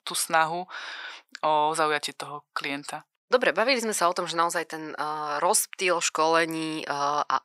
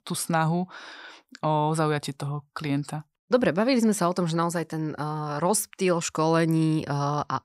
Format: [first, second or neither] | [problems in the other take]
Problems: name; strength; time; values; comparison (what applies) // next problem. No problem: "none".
second | thin; very; fading below 500 Hz